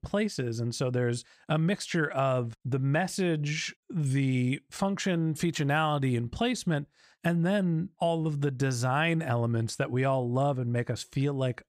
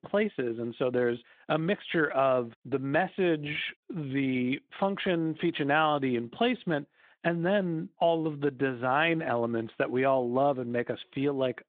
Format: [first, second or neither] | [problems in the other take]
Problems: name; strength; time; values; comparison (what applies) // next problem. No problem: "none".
first | phone-call audio